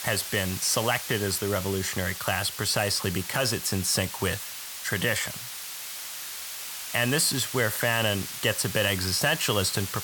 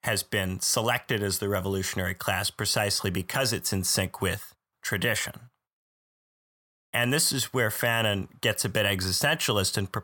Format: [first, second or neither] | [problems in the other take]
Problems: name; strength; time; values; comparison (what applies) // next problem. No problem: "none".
second | hiss; loud; throughout; 8 dB below the speech